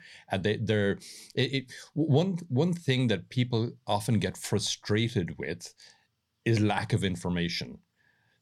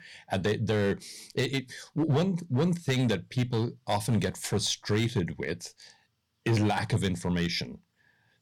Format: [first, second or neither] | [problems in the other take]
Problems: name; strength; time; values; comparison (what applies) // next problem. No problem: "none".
first | distortion; slight; 5% of the sound clipped